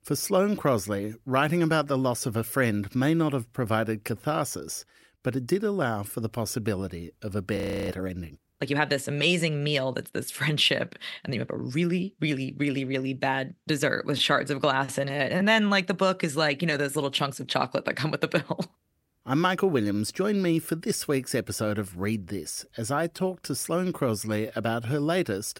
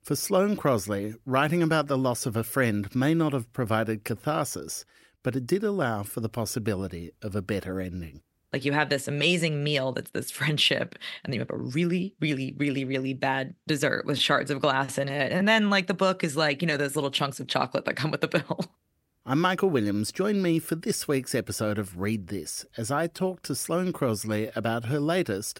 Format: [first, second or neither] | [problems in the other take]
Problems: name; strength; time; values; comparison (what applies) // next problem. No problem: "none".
second | audio freezing; at 7.5 s